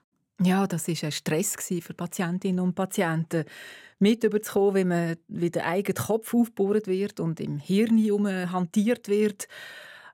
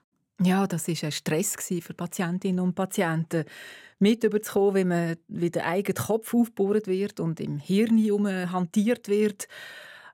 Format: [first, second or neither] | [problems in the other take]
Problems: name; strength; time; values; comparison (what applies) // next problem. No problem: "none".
neither | none